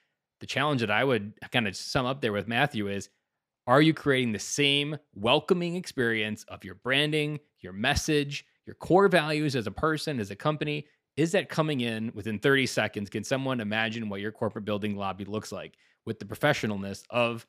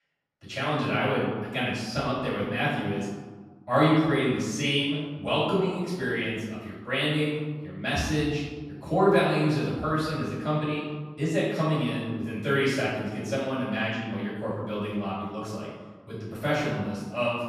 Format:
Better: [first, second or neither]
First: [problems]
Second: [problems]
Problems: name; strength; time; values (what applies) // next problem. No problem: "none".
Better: first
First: none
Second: off-mic speech; far // room echo; noticeable; dies away in 1.4 s